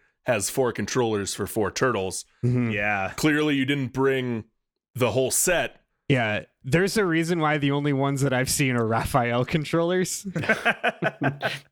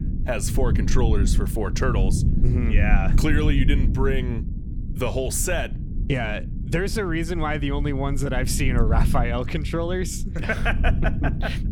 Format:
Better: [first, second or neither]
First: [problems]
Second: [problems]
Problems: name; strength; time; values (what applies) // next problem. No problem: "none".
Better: first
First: none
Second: low rumble; noticeable; throughout; 10 dB below the speech